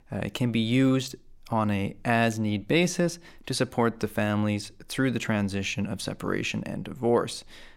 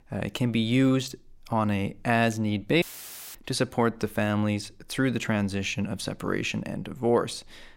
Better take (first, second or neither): first